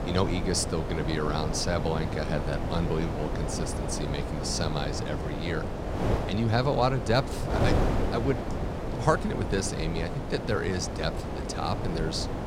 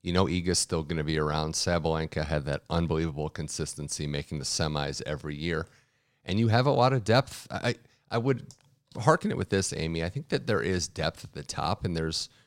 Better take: second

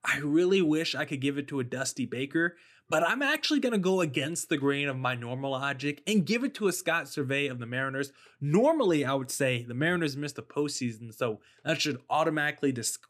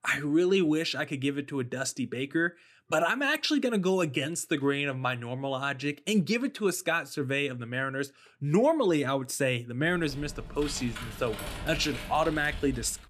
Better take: first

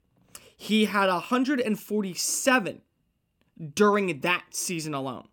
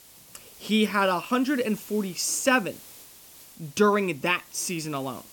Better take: first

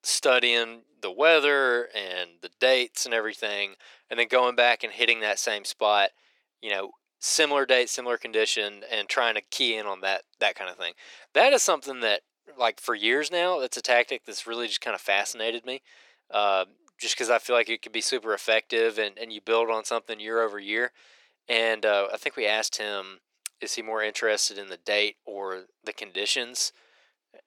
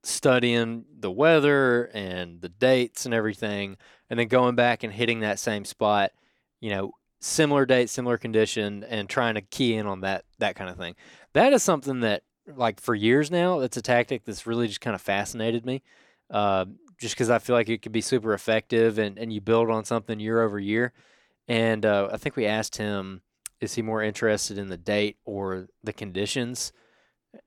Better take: second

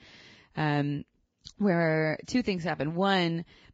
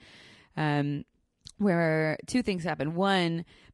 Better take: second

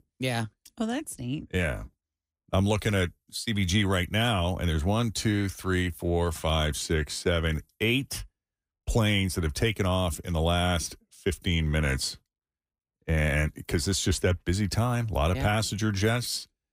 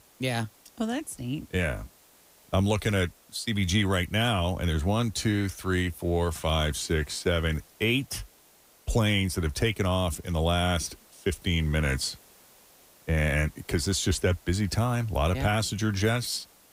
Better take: first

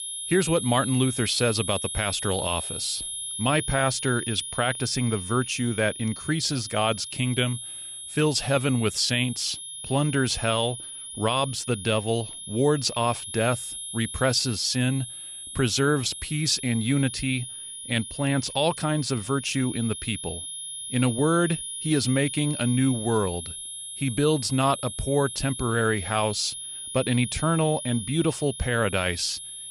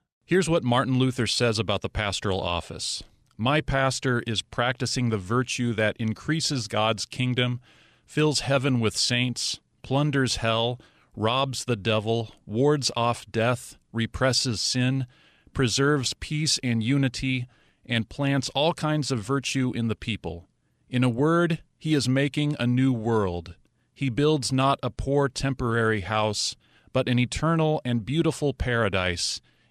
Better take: second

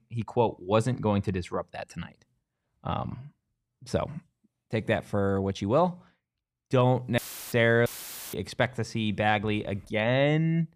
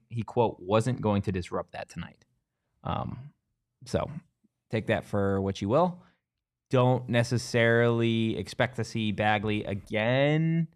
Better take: second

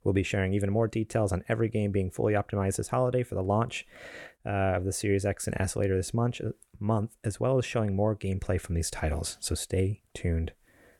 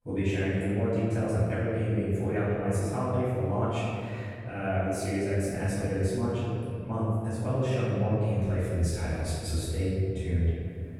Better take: first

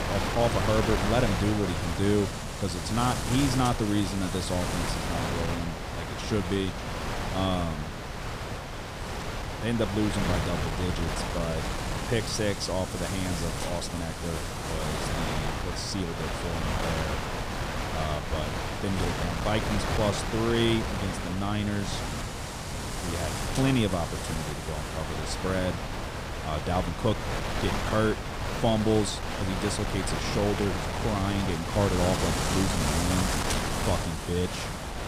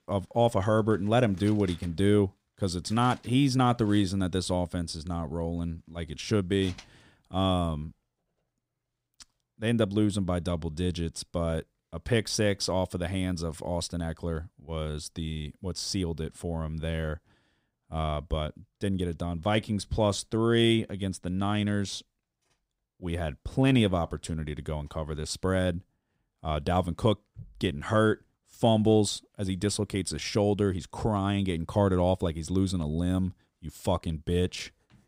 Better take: second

